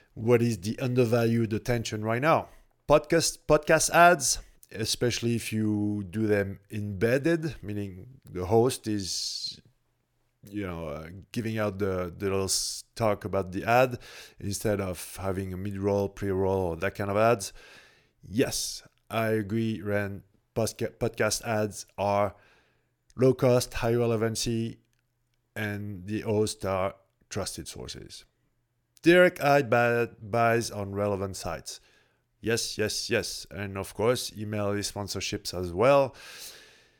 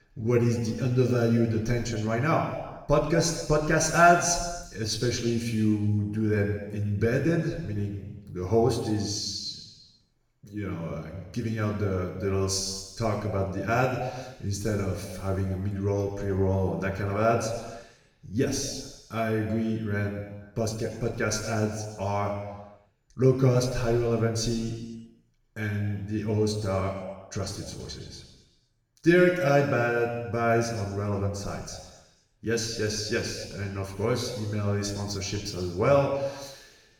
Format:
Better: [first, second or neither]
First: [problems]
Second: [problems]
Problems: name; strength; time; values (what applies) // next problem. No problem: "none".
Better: first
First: none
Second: room echo; noticeable; dies away in 1.2 s // off-mic speech; far